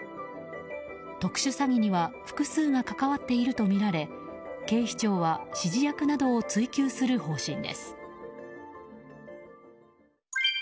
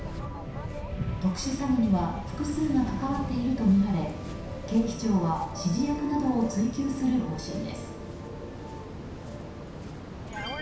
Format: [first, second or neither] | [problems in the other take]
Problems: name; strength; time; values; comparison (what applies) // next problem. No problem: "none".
first | background sound (Waves, surf); 8 dB below the speech // room echo; dies away in 0.7 s